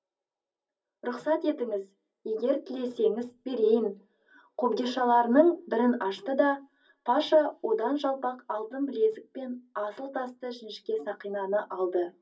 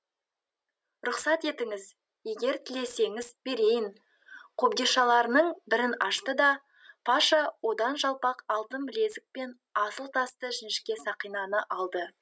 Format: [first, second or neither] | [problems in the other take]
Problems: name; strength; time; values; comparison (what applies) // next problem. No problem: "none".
second | room echo; dies away in 0.4 s